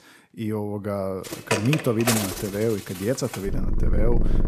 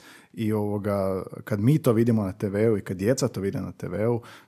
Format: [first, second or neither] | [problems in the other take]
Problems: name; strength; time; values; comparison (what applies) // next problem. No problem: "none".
second | animal sounds; loud; from 1.5 s on; 1 dB below the speech